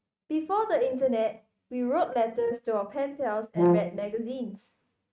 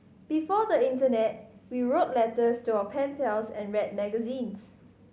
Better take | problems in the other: second | noise reduction (neural mask model RNNoise)

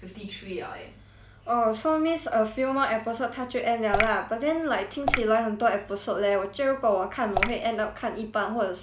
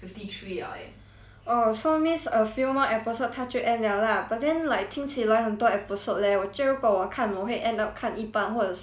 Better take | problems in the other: second | background sound (Drip / Water); as loud as the speech

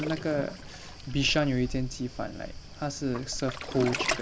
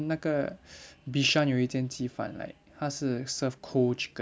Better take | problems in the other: second | background sound (Waves, surf); 6 dB below the speech

